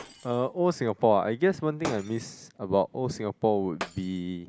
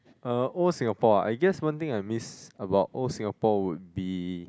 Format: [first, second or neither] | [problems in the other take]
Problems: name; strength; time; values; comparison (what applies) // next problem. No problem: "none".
second | background sound (Shatter); 16 dB below the speech